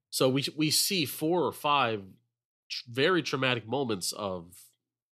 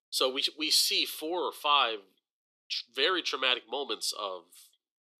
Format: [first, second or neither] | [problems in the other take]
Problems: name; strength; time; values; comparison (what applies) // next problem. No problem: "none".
first | thin; somewhat; fading below 350 Hz